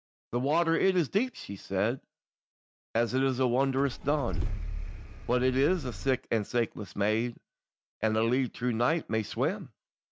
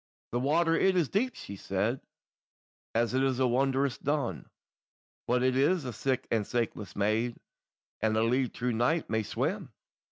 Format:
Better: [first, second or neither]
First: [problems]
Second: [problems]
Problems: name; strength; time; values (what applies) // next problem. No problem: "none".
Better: second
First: background sound (Engine starting / Car); 5 dB below the speech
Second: none